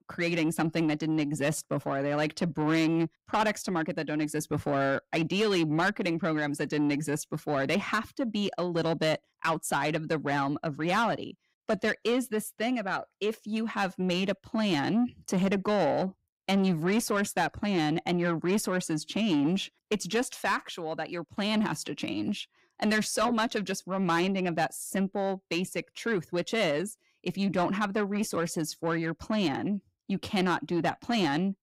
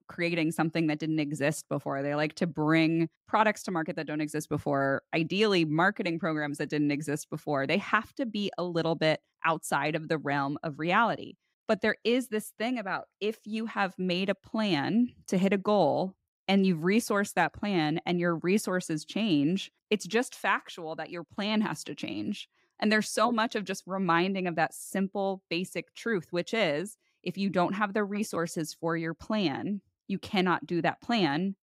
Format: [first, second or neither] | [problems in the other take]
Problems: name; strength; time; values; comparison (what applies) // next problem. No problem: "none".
second | distortion; slight; 10 dB below the speech